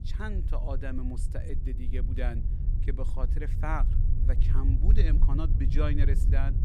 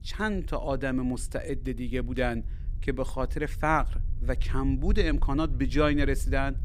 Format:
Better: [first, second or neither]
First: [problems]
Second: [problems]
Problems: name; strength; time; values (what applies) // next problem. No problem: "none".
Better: second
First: low rumble; loud; throughout; 7 dB below the speech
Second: low rumble; faint; throughout; 25 dB below the speech